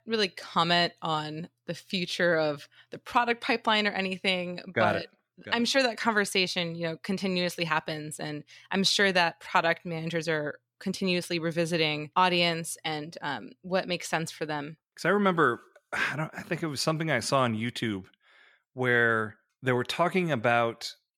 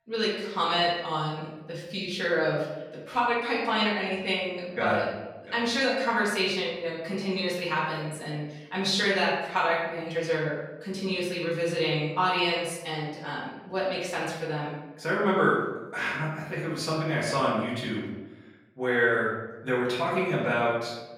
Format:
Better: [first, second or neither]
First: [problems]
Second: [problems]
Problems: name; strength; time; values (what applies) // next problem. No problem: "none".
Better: first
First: none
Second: room echo; noticeable; dies away in 0.9 s // off-mic speech; far